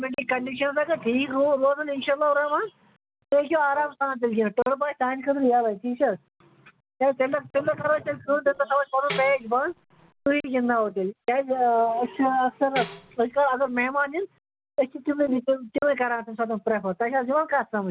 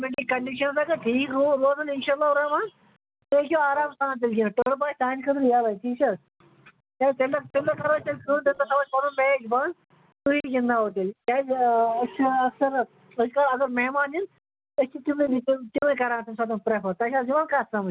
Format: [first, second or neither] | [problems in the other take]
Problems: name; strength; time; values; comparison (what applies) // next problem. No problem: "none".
second | background sound (Tambourine); 14 dB below the speech